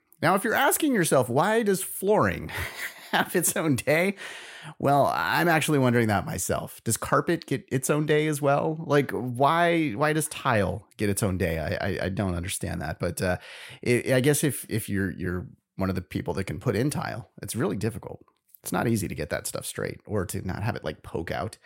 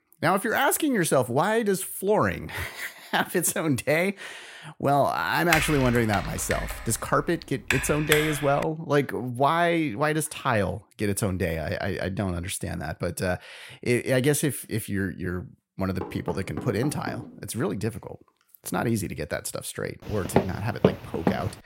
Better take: first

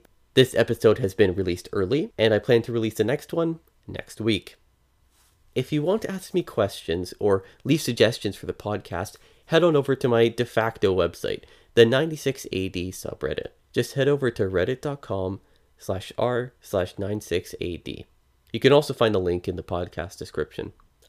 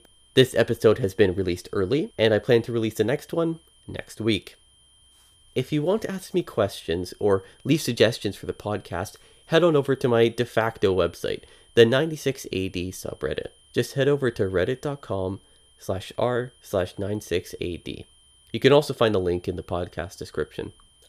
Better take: first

